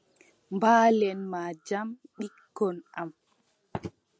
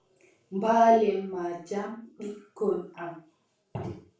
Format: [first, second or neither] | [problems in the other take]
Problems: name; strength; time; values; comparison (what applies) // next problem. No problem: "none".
first | room echo; dies away in 0.4 s